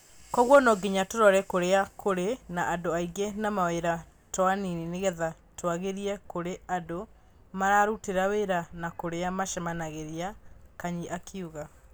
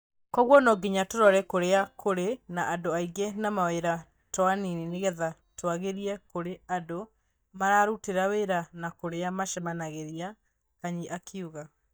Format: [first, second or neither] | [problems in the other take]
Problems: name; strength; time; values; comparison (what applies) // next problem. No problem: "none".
first | noise reduction (neural mask model DeepFilterNet 3)